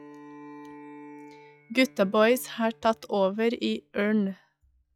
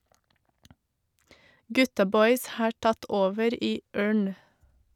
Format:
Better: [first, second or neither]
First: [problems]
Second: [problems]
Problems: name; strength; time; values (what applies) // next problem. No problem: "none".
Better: second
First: noise reduction (classical method log-MMSE)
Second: none